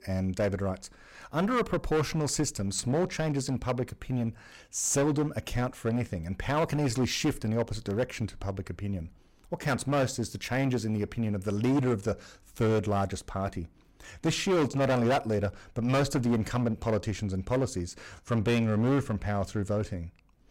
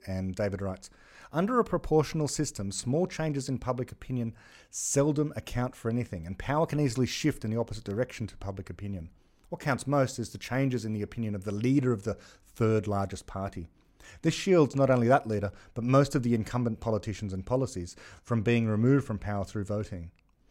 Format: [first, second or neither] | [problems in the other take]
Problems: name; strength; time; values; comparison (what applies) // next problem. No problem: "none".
second | distortion; heavy; 10% of the sound clipped